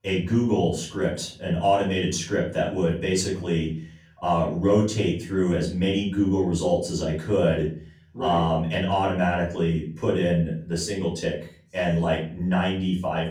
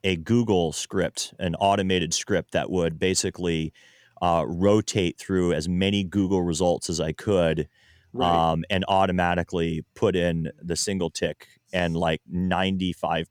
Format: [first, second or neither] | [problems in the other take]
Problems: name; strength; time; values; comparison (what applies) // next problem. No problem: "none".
second | off-mic speech; far // room echo; slight; dies away in 0.4 s